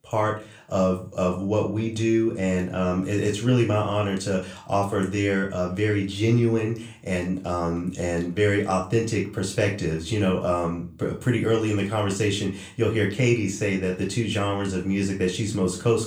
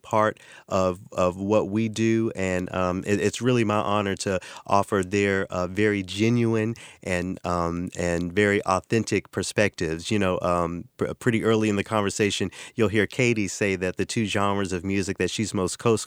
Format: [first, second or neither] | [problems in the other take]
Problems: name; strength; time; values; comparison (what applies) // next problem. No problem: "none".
second | off-mic speech; far // room echo; slight; dies away in 0.3 s